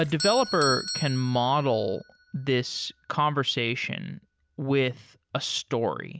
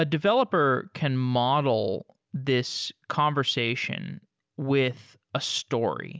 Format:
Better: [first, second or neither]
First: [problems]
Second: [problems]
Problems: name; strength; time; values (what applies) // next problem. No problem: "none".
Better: second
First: background sound (Doorbell); 12 dB below the speech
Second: none